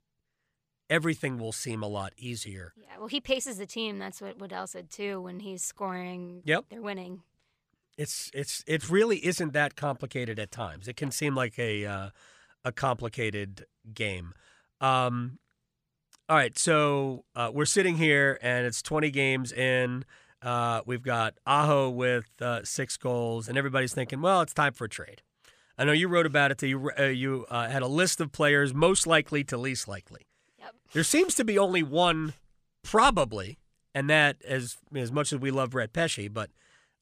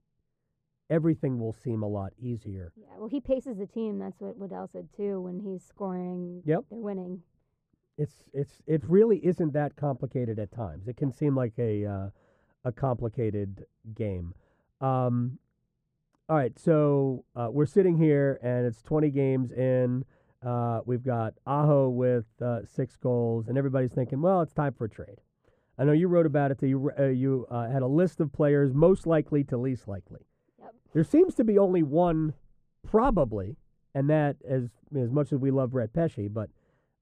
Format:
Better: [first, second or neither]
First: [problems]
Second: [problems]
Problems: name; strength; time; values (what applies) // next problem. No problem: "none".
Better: first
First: none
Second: muffled; very; fading above 1.5 kHz